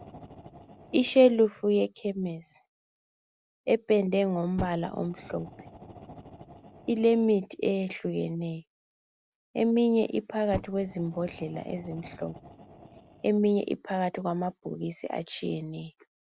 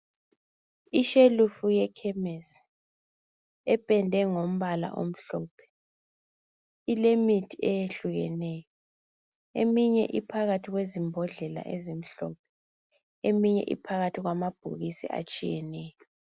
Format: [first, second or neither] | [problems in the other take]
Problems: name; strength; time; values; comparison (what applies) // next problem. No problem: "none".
second | background sound (Fire); 19 dB below the speech